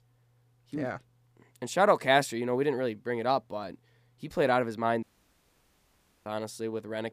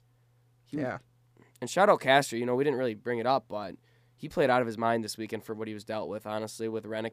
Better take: second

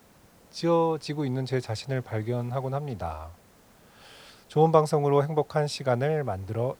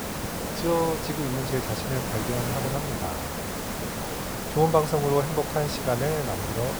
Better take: first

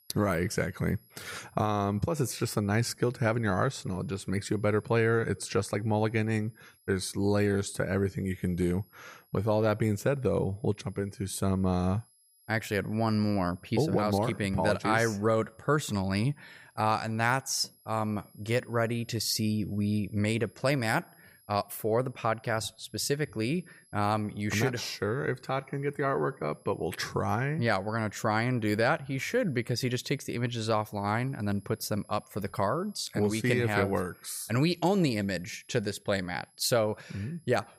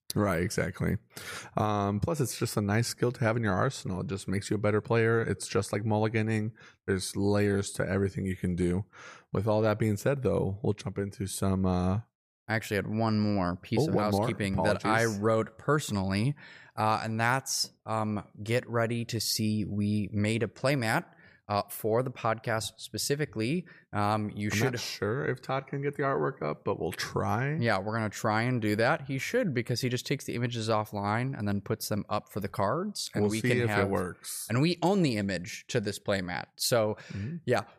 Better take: second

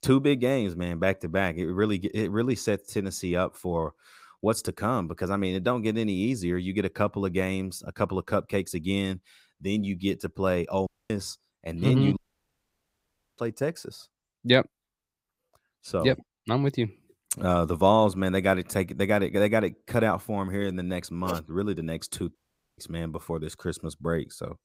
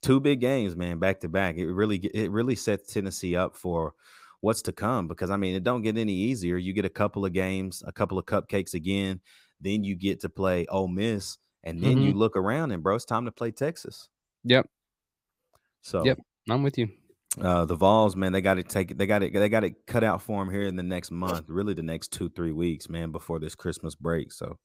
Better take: second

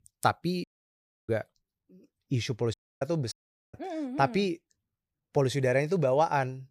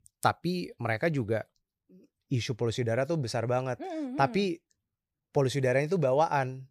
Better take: second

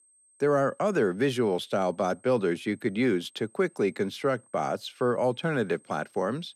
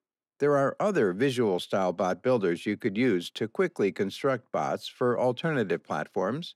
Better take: second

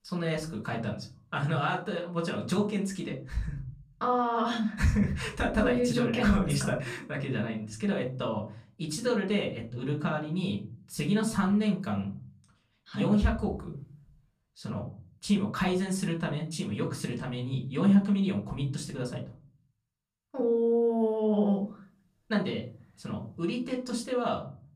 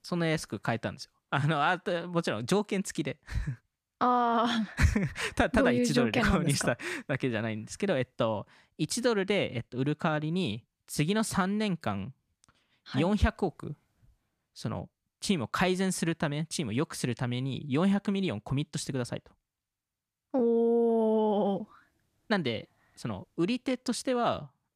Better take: second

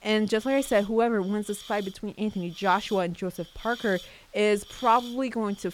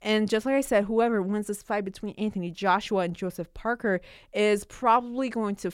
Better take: second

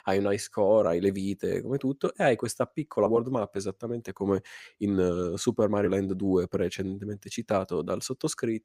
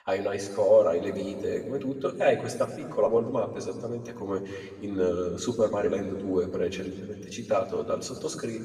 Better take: first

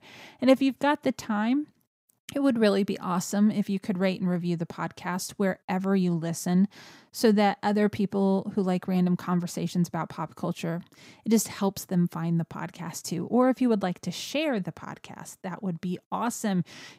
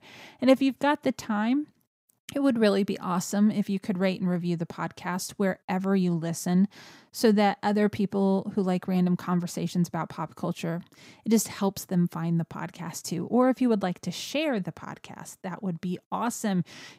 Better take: neither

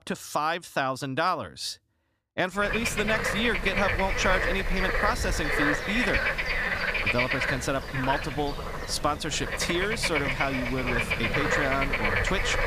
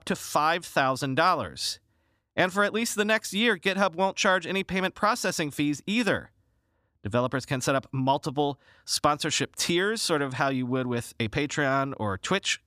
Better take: second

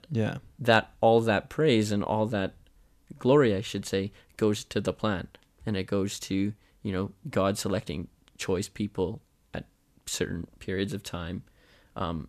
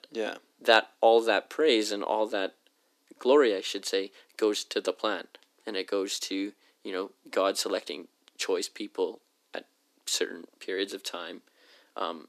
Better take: first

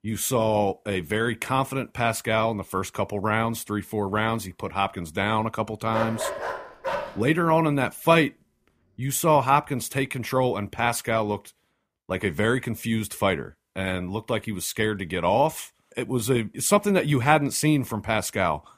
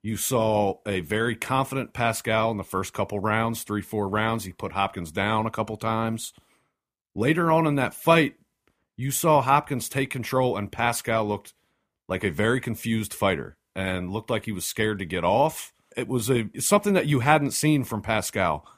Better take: second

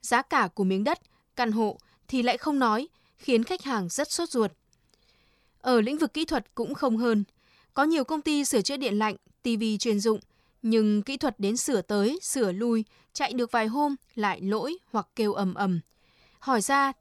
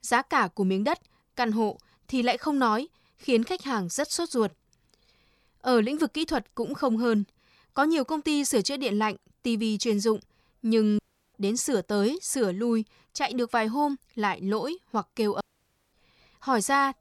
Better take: first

